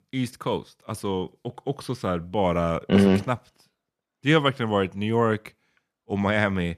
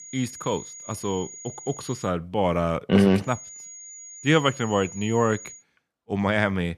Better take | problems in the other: first | high-pitched whine; noticeable; until 2 s and from 3.5 to 5.5 s; 6.5 kHz, 15 dB below the speech

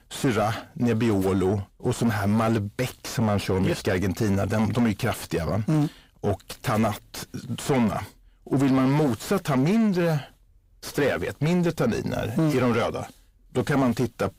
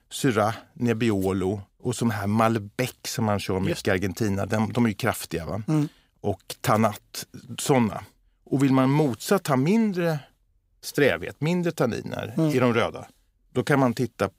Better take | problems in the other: second | distortion; heavy; 7 dB below the speech

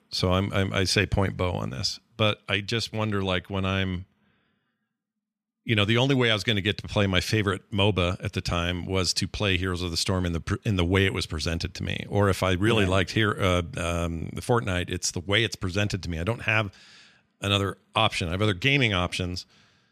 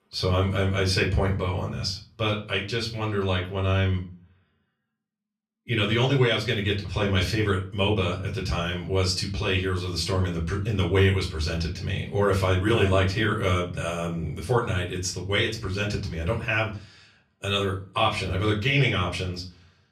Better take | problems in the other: first | off-mic speech; far // room echo; very slight; dies away in 0.3 s

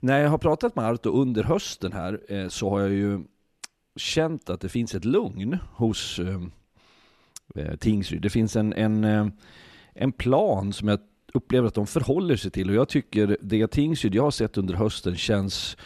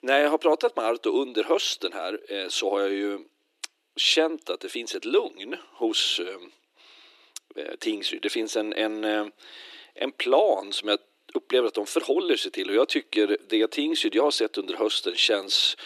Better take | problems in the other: first | thin; very; fading below 300 Hz

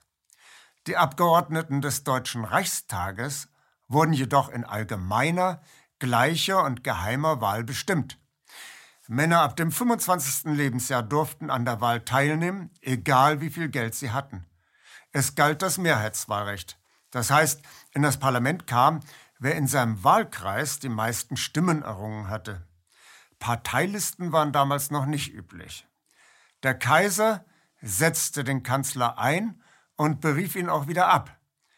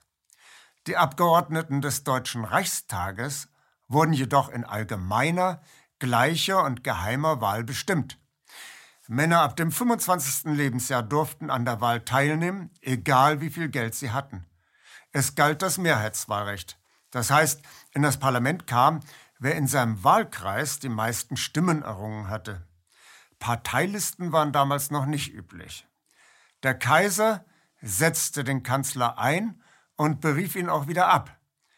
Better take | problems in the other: neither | none

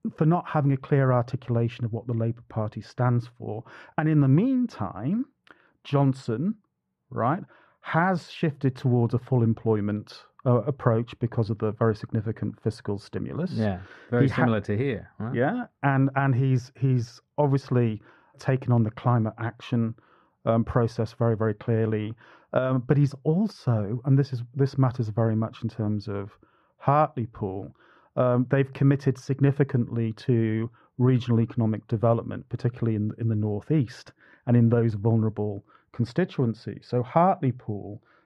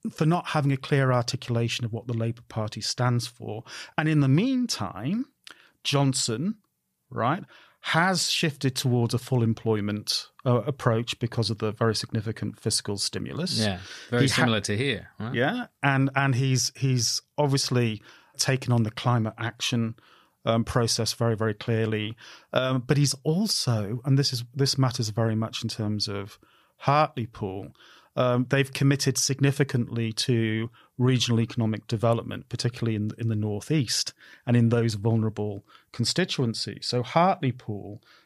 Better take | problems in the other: second | muffled; very; fading above 3 kHz

